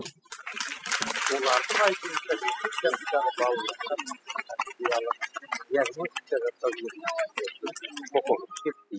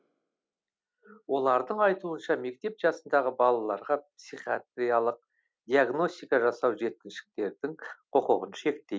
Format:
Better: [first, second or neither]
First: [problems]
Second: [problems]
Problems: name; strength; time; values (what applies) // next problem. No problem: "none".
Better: second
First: noise reduction (classical method spectral subtraction)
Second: none